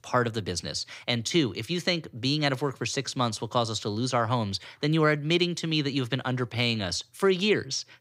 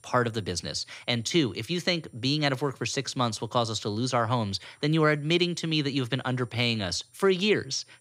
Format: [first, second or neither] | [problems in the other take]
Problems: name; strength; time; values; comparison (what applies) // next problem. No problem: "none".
first | high-pitched whine; faint; throughout; 9.5 kHz, 35 dB below the speech